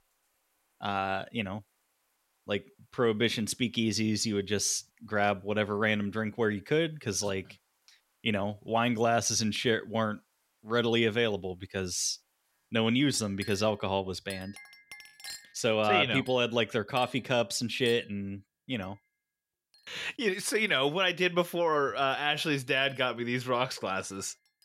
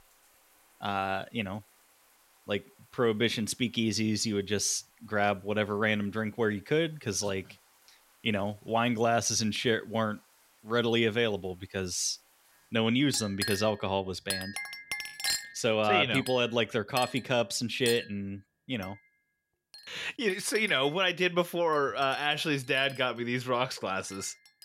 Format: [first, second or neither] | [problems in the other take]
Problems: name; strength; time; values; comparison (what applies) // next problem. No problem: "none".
first | household noises; loud; throughout; 9 dB below the speech; faint in the first